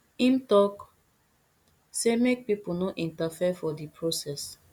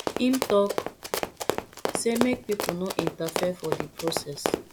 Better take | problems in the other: first | background sound (Run); 2 dB below the speech

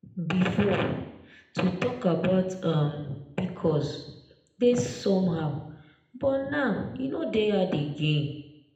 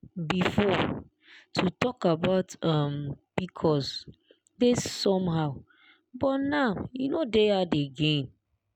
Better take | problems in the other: second | room echo; dies away in 0.8 s

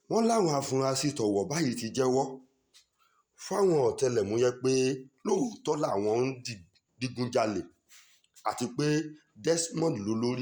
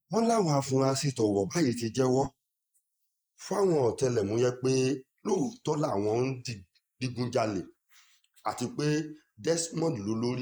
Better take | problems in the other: first | noise reduction (neural mask model Resemble Enhance denoiser)

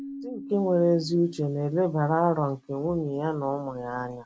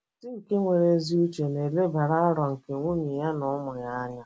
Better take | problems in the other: second | background sound (Keyboard (musical)); 18 dB below the speech

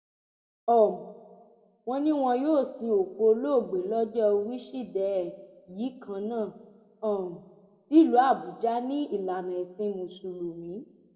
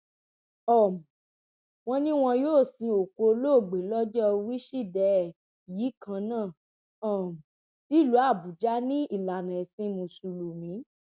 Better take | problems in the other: second | room echo; dies away in 1.1 s

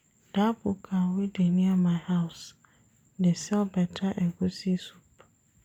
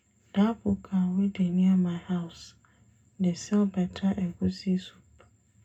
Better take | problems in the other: first | room echo; dies away in 0.2 s

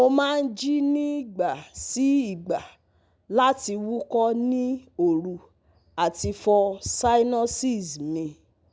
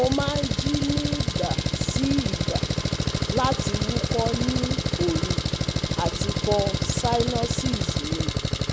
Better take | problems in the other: first | background sound (Engine); 3 dB above the speech

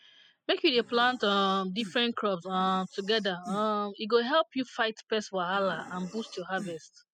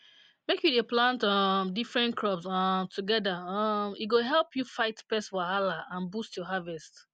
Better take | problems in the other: second | noise reduction (classical method spectral subtraction)

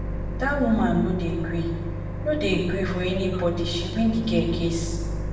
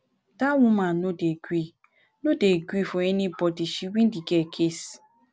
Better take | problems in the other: second | background sound (Microwave oven); 4 dB below the speech // room echo; dies away in 1 s

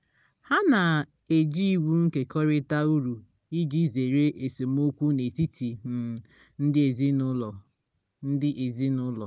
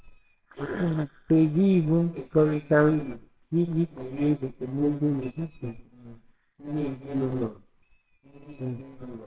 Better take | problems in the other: first | noise reduction (neural separator model SepFormer WHAMR!)

